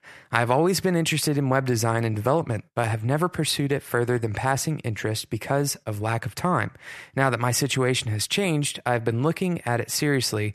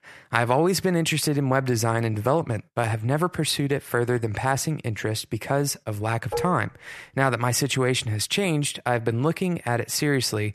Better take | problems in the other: first | clattering dishes; noticeable; at 6.5 s; peak 7 dB below the speech

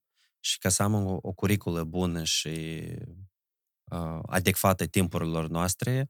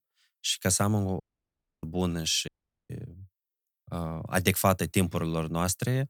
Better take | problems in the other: first | audio cutting out; at 1 s for 0.5 s and at 2.5 s

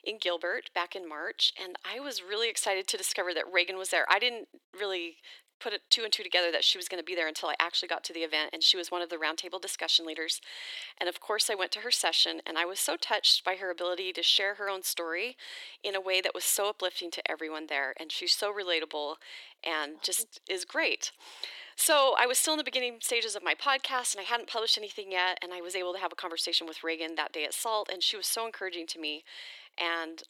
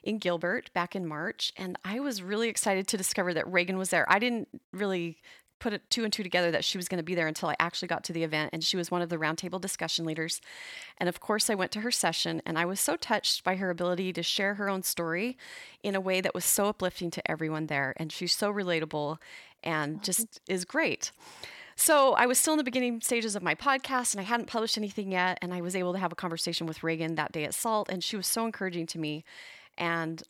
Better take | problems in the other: second | thin; very; fading below 350 Hz

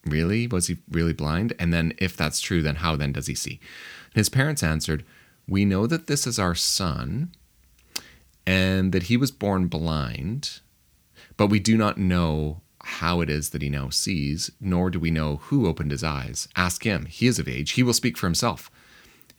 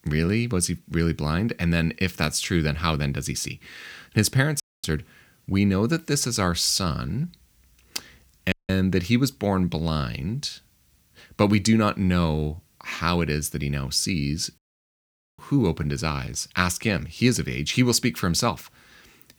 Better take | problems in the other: first | audio cutting out; at 4.5 s, at 8.5 s and at 15 s for 1 s

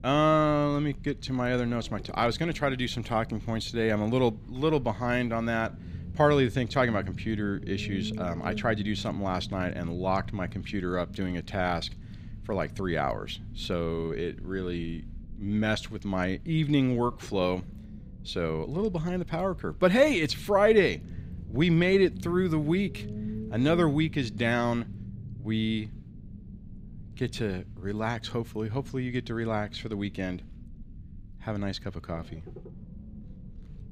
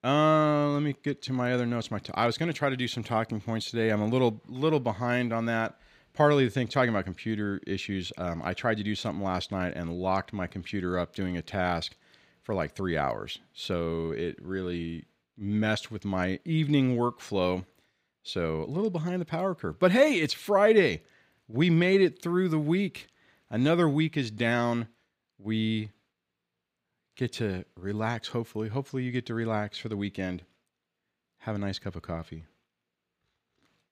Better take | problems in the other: second | low rumble; faint; throughout; 20 dB below the speech

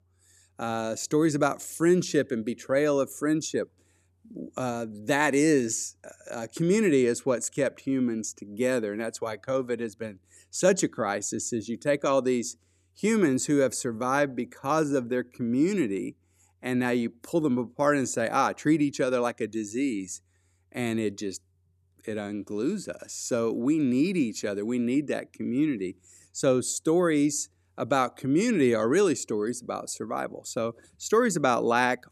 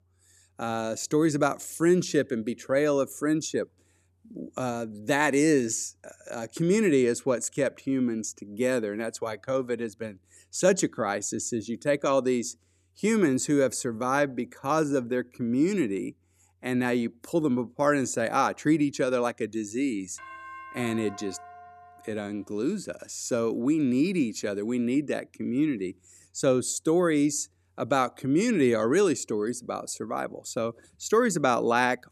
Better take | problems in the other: first | doorbell; faint; from 20 to 22 s; peak 15 dB below the speech

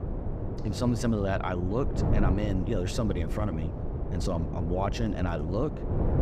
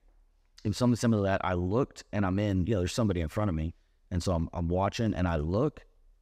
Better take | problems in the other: second | wind noise on the microphone; heavy; 7 dB below the speech

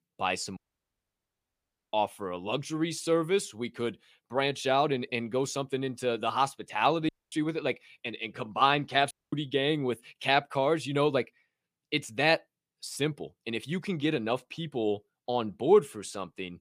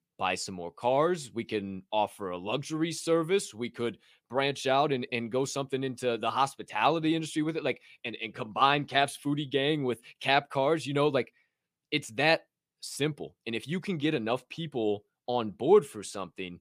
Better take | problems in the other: second | audio cutting out; at 0.5 s for 1.5 s, at 7 s and at 9 s

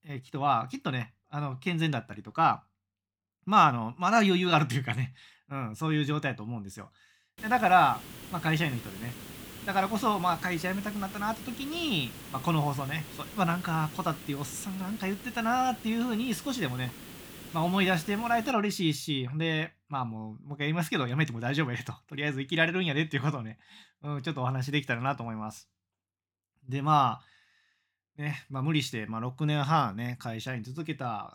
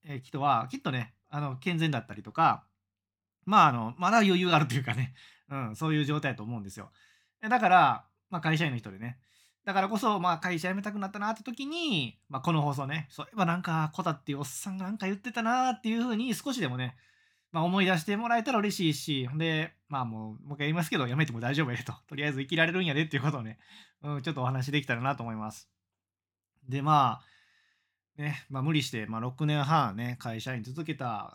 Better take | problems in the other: second | hiss; noticeable; from 7.5 to 19 s; 15 dB below the speech

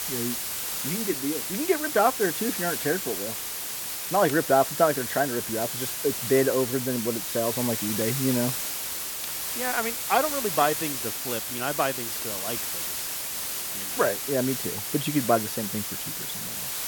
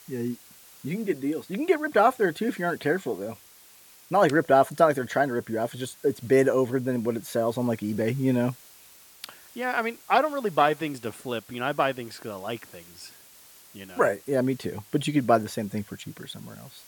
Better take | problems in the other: second | hiss; loud; throughout; 2 dB below the speech; faint in the second

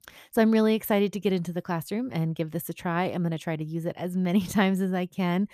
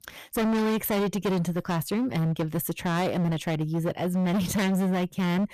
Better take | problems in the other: first | distortion; heavy; 29% of the sound clipped

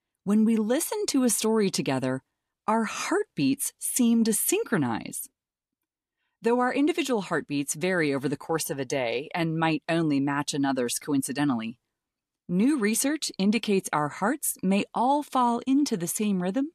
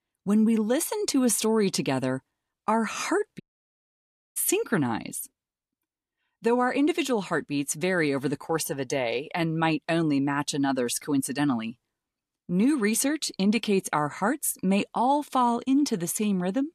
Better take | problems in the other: first | audio cutting out; at 3.5 s for 1 s

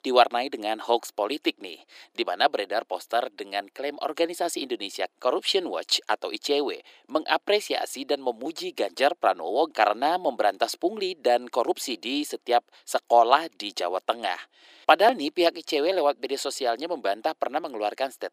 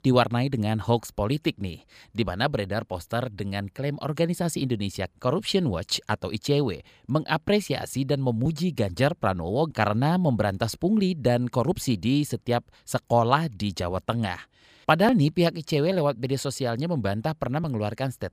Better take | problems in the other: second | thin; very; fading below 300 Hz

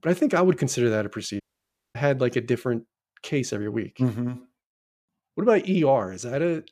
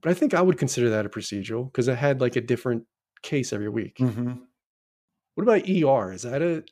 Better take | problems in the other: second | audio cutting out; at 1.5 s for 0.5 s

